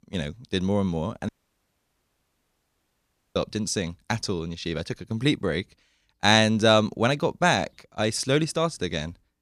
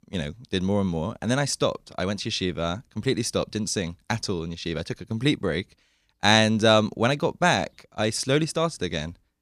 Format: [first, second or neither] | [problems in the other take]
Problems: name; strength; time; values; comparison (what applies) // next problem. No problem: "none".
second | audio cutting out; at 1.5 s for 2 s